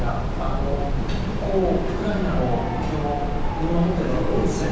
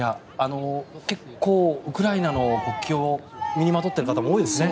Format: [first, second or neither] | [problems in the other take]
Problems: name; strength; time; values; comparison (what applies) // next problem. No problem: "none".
second | background sound (Train); 1 dB above the speech // room echo; dies away in 1.1 s